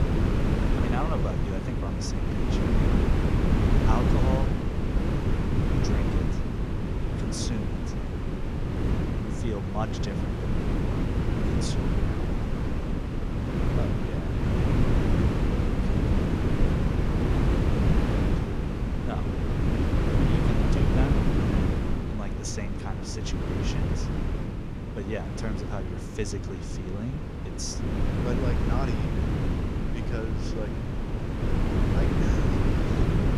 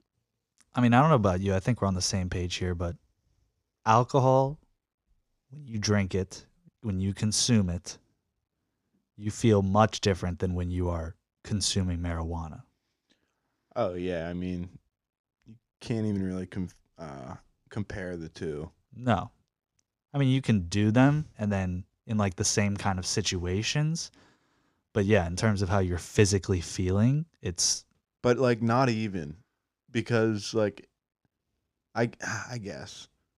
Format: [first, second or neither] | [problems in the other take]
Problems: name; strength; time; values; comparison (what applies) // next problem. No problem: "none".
second | wind noise on the microphone; heavy; 5 dB above the speech